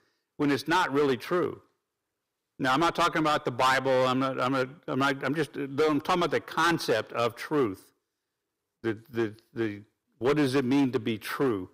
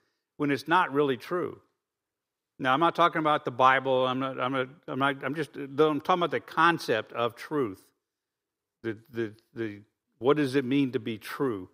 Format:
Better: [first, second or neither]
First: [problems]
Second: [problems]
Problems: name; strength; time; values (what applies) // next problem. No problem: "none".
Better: second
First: distortion; heavy; 8% of the sound clipped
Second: none